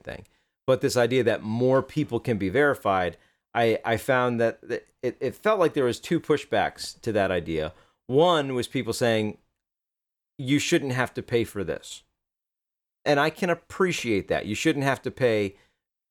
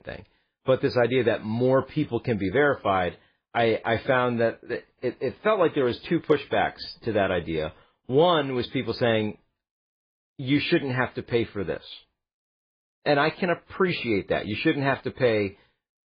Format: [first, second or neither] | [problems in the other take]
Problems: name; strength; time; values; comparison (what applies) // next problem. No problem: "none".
first | garbled, watery; badly; nothing above 4 kHz